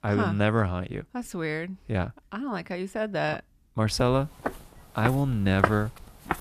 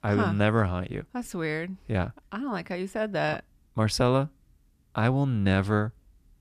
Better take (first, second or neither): second